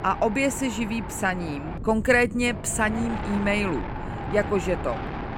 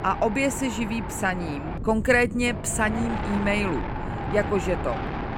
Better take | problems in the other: first | wind noise on the microphone; heavy; 8 dB below the speech; occasional gusts in the first

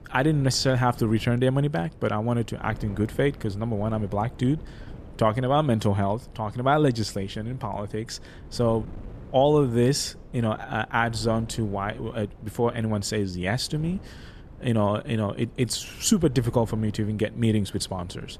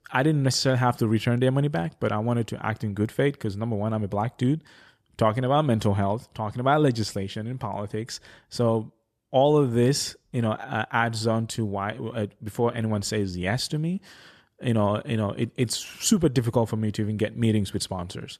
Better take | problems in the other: second | wind noise on the microphone; occasional gusts; 25 dB below the speech

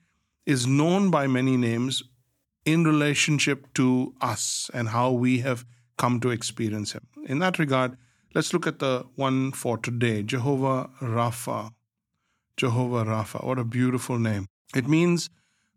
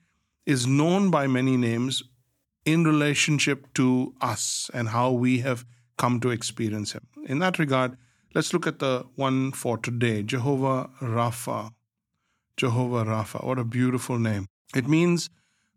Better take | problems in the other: neither | none

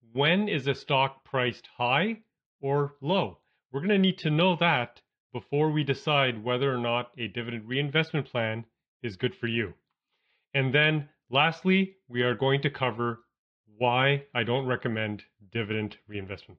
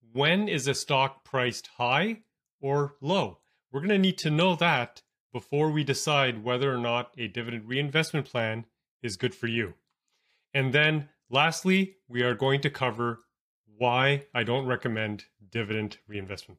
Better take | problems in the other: second | muffled; slightly; fading above 3.5 kHz

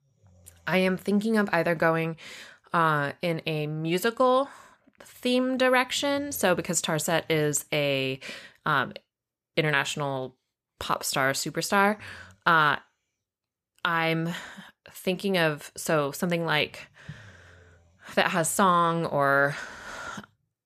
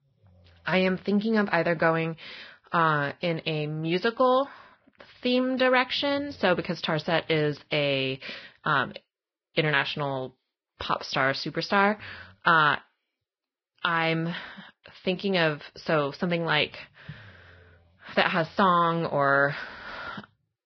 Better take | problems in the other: first | garbled, watery; badly; nothing above 5.5 kHz

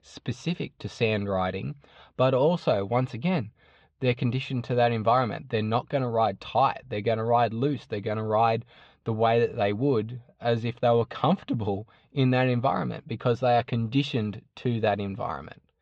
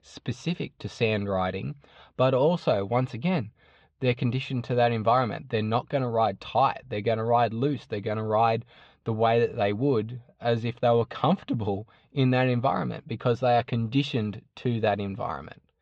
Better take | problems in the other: neither | muffled; slightly; fading above 4 kHz; the same in both

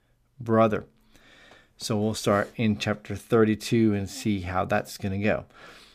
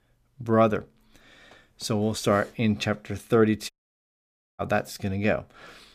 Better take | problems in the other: first | audio cutting out; at 3.5 s for 1 s

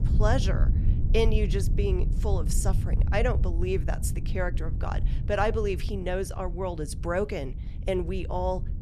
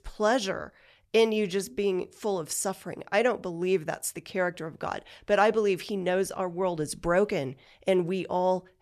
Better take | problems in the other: second | low rumble; noticeable; throughout; 15 dB below the speech

